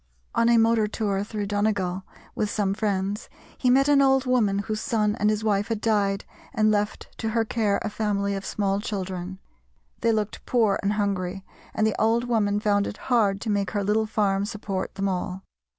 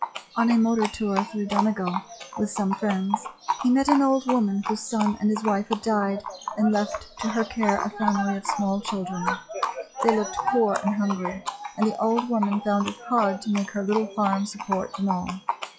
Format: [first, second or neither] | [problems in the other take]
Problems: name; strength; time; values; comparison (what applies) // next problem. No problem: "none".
first | noise reduction (classical method log-MMSE)